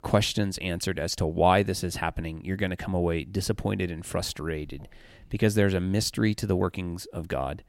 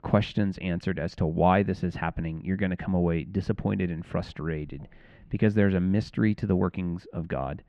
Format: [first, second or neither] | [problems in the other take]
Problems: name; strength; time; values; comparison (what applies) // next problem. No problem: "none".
first | muffled; slightly; fading above 2 kHz